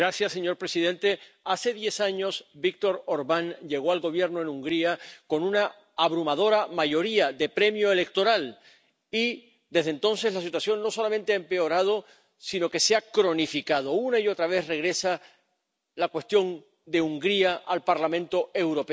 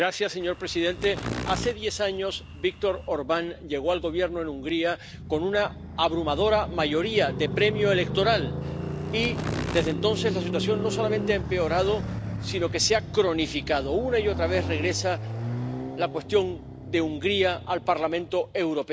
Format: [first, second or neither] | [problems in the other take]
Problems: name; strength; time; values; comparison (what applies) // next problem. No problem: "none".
first | background sound (Insect + Motorcycle); 7 dB below the speech